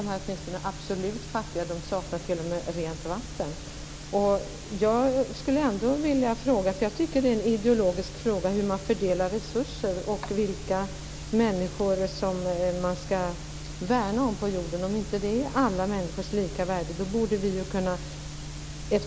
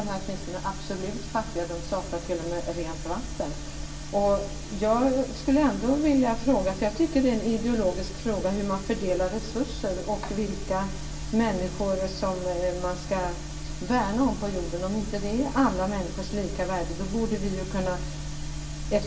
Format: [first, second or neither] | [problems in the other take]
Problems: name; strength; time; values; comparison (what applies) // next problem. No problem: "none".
first | room echo; dies away in 0.6 s